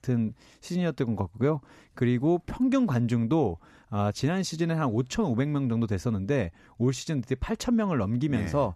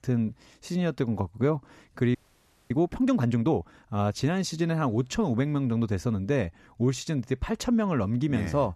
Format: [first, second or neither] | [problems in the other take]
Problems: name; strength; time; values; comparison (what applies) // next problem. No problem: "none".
first | audio freezing; at 2 s for 0.5 s